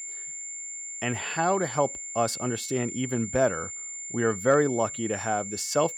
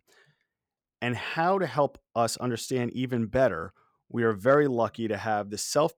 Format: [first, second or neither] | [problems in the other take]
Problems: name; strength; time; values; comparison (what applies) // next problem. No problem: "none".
second | high-pitched whine; loud; throughout; 7.5 kHz, 7 dB below the speech